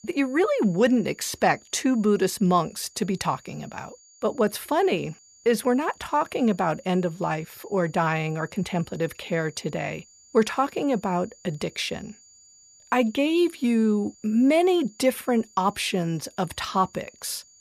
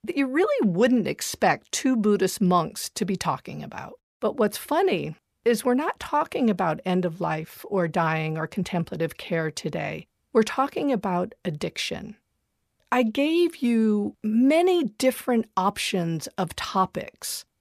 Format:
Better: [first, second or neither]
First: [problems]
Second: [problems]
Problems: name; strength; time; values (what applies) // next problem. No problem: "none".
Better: second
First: high-pitched whine; faint; throughout; 7 kHz, 25 dB below the speech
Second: none